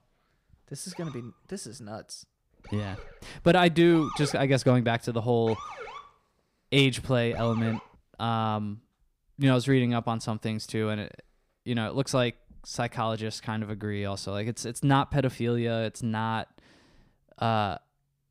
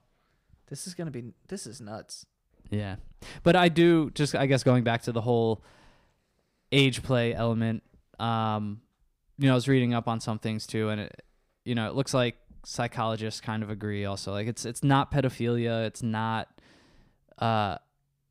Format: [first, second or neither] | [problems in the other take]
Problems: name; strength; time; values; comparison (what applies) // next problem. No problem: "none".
second | siren; noticeable; from 1 to 8 s; peak 9 dB below the speech